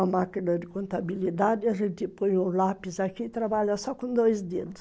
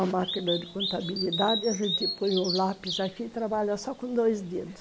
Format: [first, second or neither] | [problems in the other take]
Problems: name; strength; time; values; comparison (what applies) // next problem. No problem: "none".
first | background sound (Bird vocalization, bird call, bird song); 7 dB below the speech